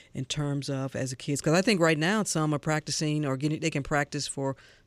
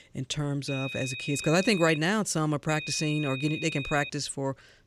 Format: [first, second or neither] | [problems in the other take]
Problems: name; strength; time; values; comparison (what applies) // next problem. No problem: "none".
first | high-pitched whine; loud; from 0.5 to 2 s and from 2.5 to 4 s; 2.5 kHz, 8 dB below the speech